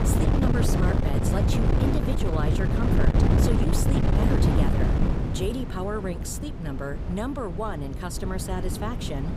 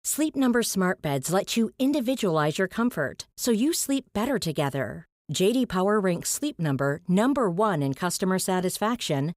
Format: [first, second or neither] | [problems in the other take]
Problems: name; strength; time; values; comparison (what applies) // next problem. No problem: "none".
second | wind noise on the microphone; heavy; 2 dB above the speech